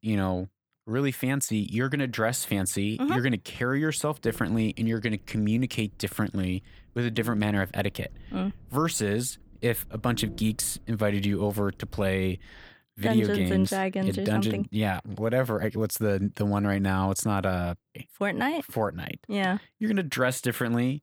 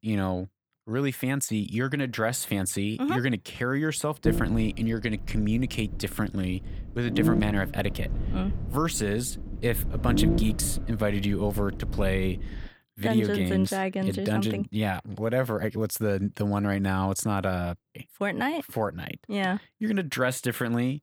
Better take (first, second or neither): first